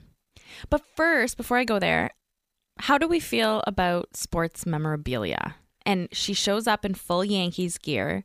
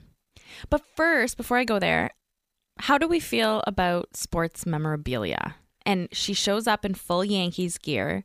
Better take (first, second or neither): neither